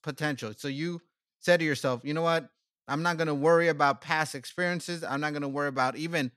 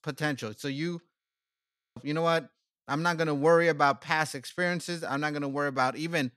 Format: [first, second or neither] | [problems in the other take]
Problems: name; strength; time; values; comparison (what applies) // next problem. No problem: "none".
first | audio freezing; at 1 s for 1 s